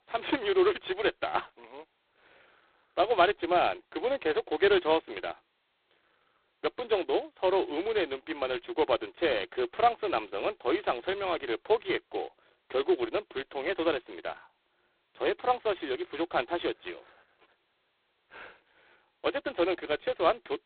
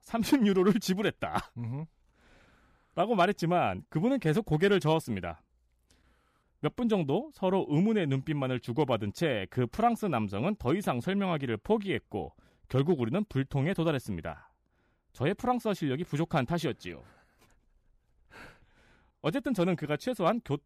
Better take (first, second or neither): second